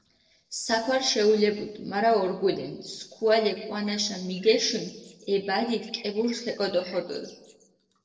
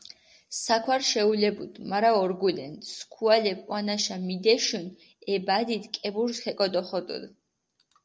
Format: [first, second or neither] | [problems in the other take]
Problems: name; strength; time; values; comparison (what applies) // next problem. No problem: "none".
second | noise reduction (neural separator model SepFormer DNS4)